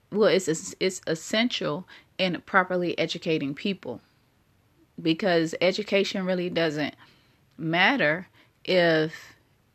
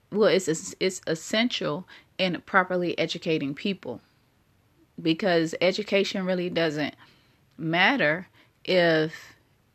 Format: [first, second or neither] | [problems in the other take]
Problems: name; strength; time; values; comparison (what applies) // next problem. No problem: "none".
neither | none